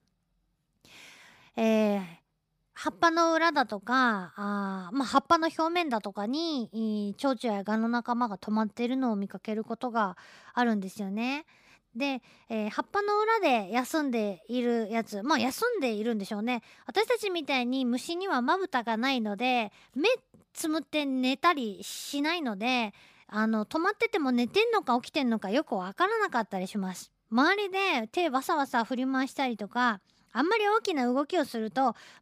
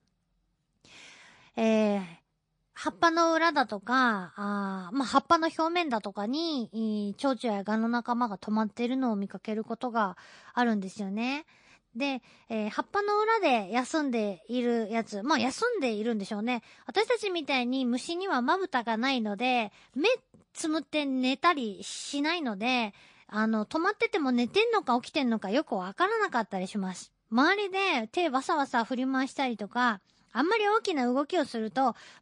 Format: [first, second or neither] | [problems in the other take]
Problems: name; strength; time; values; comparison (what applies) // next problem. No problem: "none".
first | garbled, watery; slightly